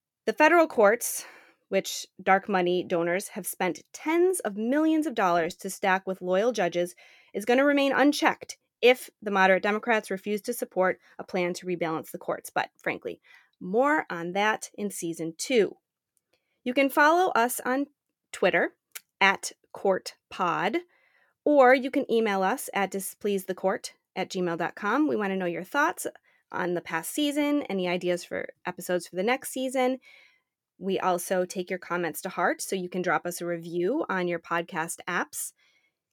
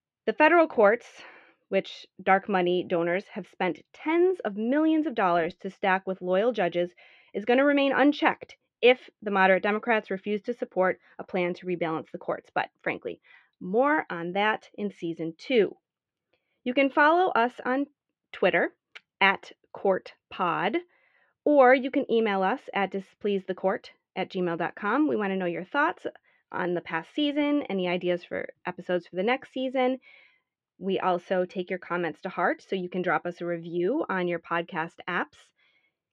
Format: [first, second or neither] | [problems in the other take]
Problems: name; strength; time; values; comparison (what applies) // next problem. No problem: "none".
first | muffled; slightly; fading above 3.5 kHz